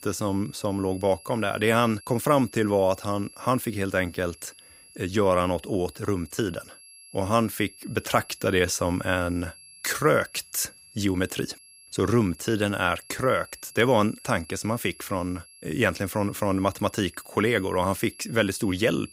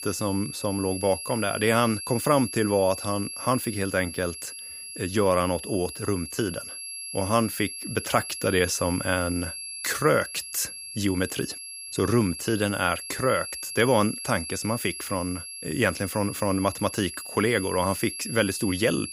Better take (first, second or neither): first